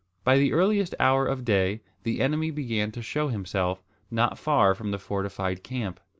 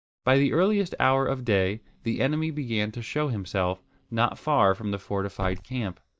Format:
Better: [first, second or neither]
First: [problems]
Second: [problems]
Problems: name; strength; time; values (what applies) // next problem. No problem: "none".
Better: first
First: none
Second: noise reduction (neural mask model DeepFilterNet 3)